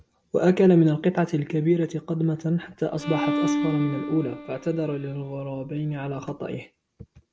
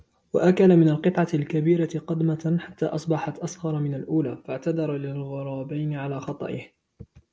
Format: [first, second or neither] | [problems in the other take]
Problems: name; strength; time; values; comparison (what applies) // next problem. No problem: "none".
second | background sound (Bowed string instrument); 6 dB below the speech